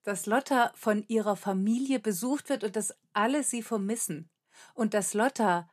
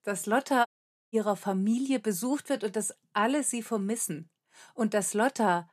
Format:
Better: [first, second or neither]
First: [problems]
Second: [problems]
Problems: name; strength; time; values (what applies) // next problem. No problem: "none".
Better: first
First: none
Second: audio cutting out; at 0.5 s